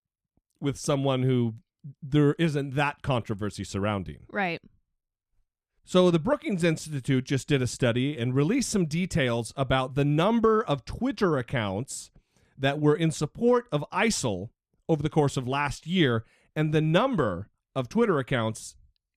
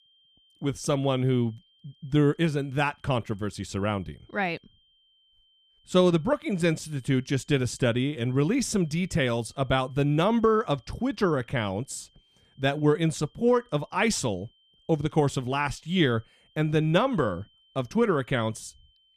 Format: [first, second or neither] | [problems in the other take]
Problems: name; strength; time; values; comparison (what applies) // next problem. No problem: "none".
first | high-pitched whine; faint; throughout; 3 kHz, 35 dB below the speech